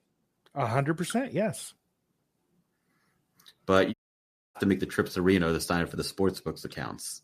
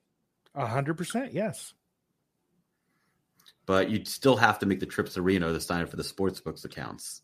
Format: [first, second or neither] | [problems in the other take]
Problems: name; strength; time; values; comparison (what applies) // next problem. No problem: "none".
second | audio cutting out; at 4 s for 0.5 s